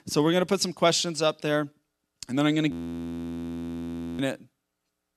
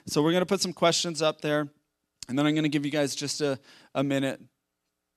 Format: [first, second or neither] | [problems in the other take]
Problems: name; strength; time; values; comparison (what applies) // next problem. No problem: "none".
second | audio freezing; at 2.5 s for 1.5 s